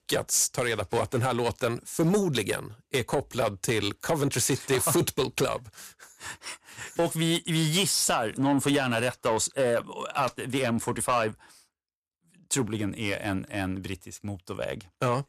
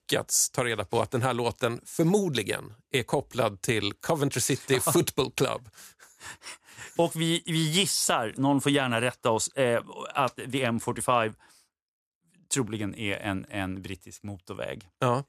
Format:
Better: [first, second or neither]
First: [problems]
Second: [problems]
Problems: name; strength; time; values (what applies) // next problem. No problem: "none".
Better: second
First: distortion; slight; 10 dB below the speech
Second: none